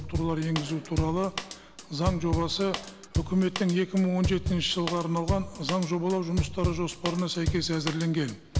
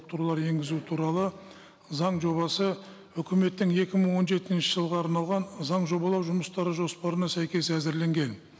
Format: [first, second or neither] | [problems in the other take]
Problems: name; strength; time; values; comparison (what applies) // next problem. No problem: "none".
second | background sound (Drum / Drum kit); 5 dB below the speech